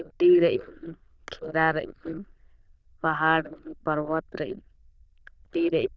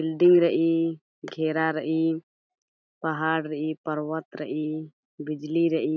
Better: second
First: noise reduction (neural diffusion model UNIVERSE++)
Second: none

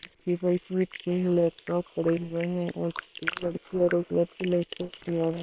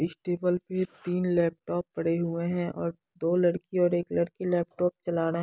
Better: second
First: noise reduction (neural separator model SepFormer WHAM!)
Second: none

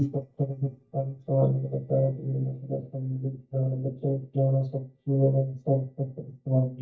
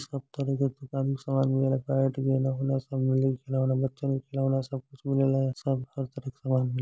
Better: second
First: noise reduction (neural mask model DeepFilterNet 3)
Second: none

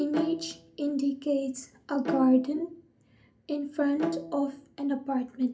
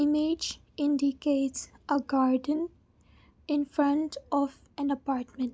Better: second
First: background sound (Bowed string instrument); 8 dB below the speech // room echo; dies away in 0.3 s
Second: none

